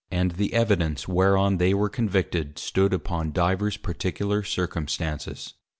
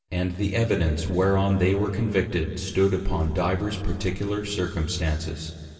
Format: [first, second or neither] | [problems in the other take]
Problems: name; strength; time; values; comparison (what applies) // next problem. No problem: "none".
first | room echo; dies away in 2.6 s